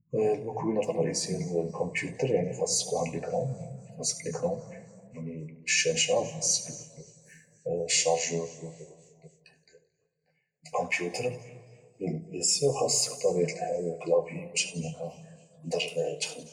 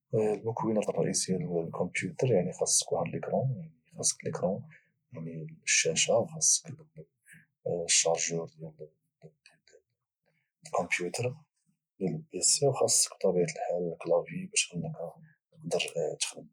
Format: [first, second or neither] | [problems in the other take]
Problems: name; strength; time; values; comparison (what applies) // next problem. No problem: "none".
second | room echo; dies away in 1.3 s